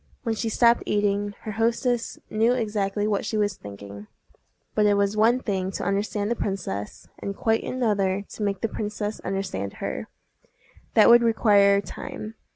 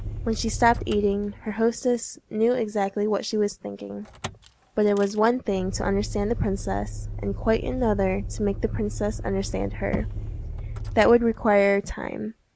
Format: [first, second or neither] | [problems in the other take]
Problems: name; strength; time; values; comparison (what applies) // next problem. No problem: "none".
first | background sound (Motor vehicle (road)); 9 dB below the speech